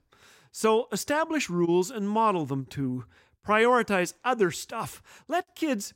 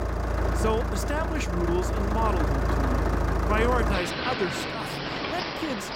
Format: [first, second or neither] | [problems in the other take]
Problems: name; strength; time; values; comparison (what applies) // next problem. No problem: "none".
first | traffic noise; very loud; throughout; 3 dB above the speech